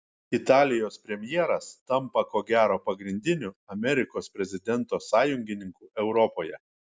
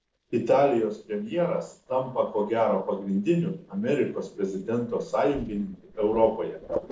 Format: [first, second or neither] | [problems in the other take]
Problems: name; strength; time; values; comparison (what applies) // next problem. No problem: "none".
first | noise reduction (neural separator model SepFormer DNS4)